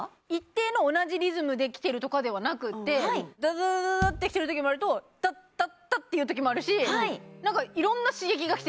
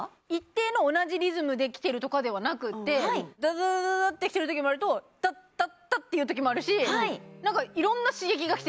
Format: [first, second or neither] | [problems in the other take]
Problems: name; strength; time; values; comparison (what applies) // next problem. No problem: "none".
second | background sound (Bass drum); 11 dB below the speech